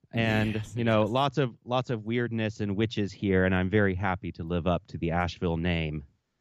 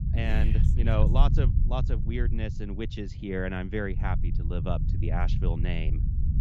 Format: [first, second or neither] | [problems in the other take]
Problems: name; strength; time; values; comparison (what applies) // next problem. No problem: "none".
first | low rumble; loud; throughout; 8 dB below the speech